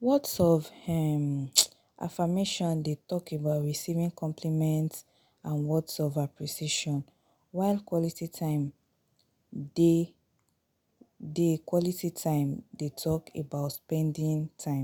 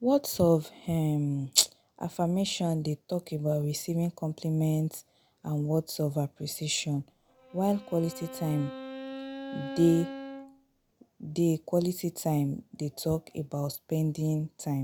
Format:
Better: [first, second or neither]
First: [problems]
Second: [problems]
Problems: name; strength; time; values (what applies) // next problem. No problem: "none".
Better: first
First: none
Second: background sound (Bowed string instrument); 11 dB below the speech